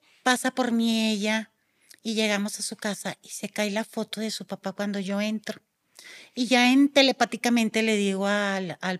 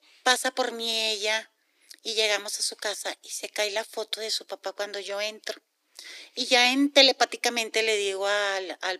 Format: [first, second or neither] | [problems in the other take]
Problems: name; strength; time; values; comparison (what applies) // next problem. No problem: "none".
first | thin; somewhat; fading below 300 Hz